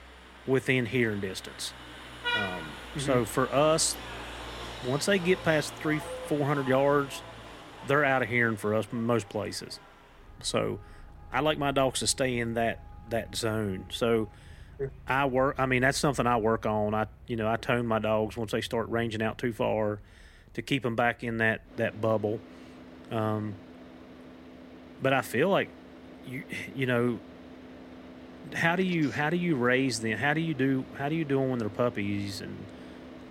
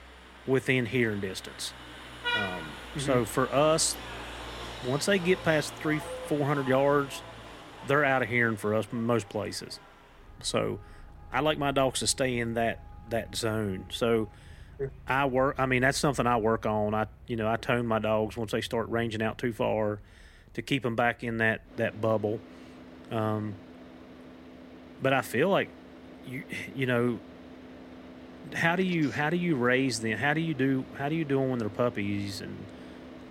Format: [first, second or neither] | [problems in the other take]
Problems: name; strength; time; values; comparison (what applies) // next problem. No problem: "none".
neither | traffic noise; noticeable; throughout; 15 dB below the speech; the same in both